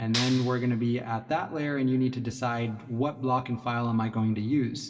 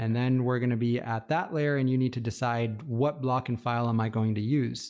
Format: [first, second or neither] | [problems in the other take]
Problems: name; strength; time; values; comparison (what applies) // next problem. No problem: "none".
second | background sound (Clapping); 9 dB below the speech // room echo; dies away in 1.9 s